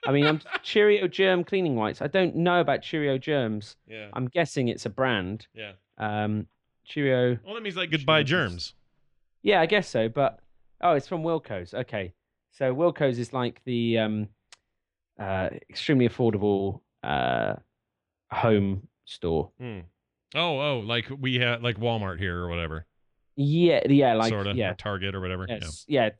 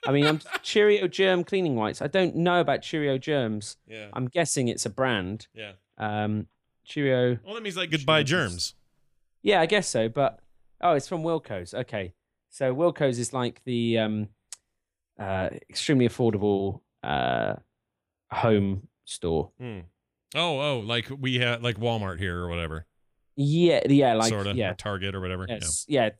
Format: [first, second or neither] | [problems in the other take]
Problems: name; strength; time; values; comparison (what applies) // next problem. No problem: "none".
second | muffled; very slightly; fading above 3 kHz